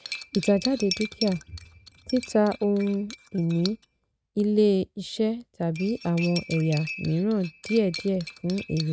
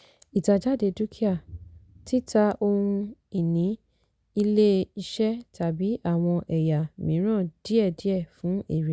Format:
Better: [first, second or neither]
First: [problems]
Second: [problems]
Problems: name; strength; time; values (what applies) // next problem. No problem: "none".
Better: second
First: noise reduction (neural mask model RNNoise)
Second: none